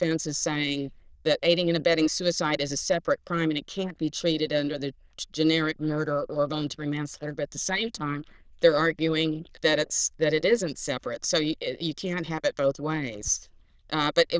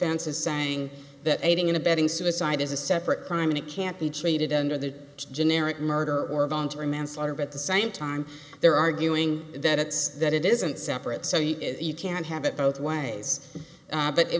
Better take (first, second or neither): second